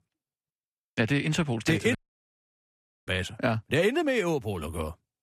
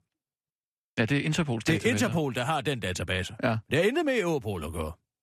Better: second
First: audio cutting out; at 2 s for 1 s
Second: none

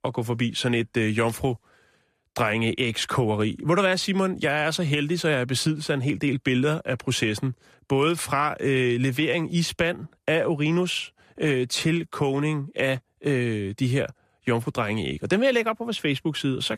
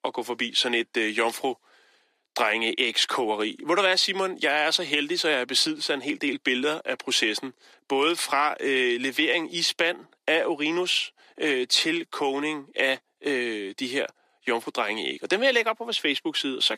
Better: first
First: none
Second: thin; somewhat; fading below 300 Hz

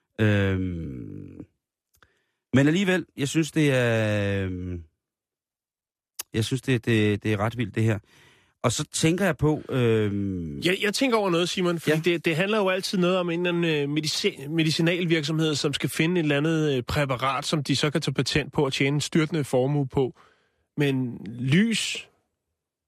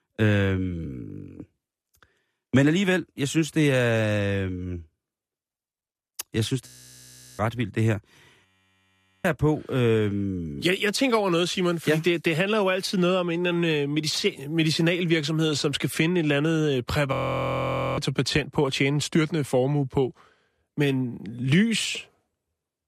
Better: first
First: none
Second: audio freezing; at 6.5 s for 0.5 s, at 8.5 s for 1 s and at 17 s for 1 s

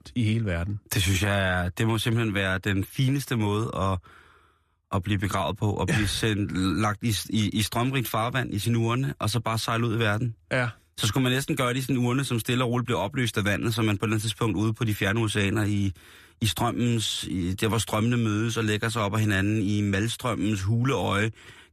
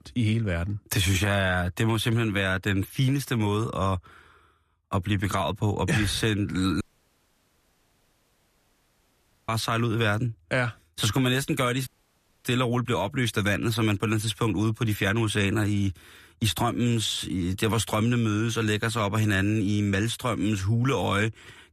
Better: first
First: none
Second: audio cutting out; at 7 s for 2.5 s and at 12 s for 0.5 s

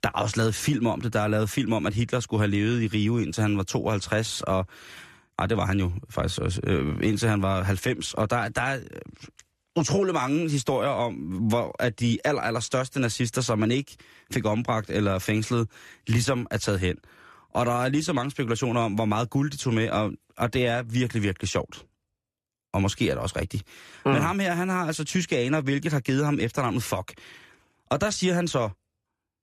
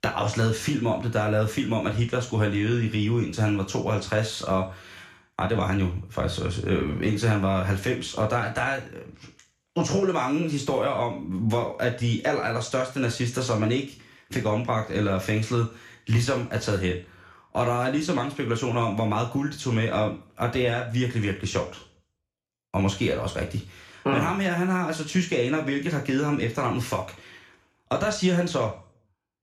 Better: first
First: none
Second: room echo; very slight; dies away in 0.4 s

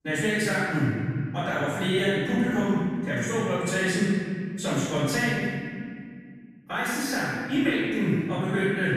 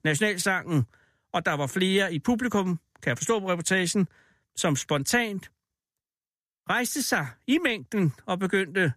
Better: second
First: off-mic speech; far // room echo; strong; dies away in 2.2 s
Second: none

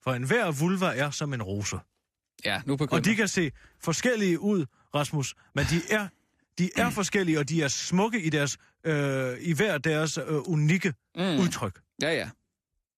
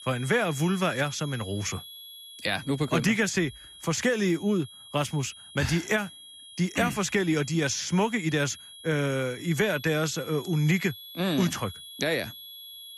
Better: first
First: none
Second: high-pitched whine; noticeable; throughout; 3.5 kHz, 15 dB below the speech

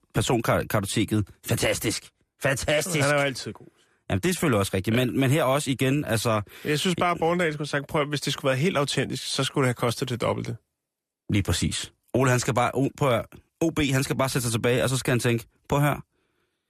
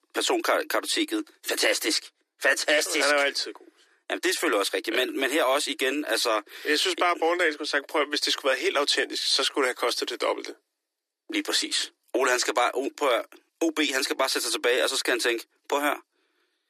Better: first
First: none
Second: thin; somewhat; fading below 300 Hz

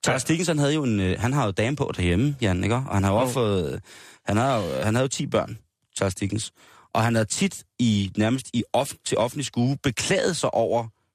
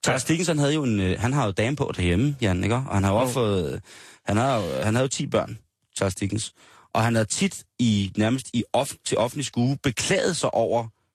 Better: first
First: none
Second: garbled, watery; slightly; nothing above 12.5 kHz

